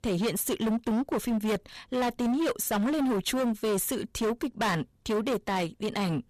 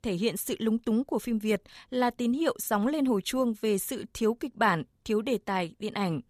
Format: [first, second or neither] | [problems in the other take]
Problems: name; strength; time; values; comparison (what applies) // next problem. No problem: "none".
second | distortion; heavy; 23% of the sound clipped